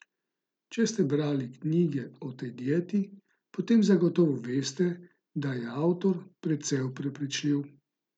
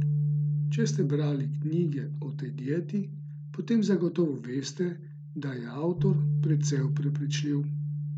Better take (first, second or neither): first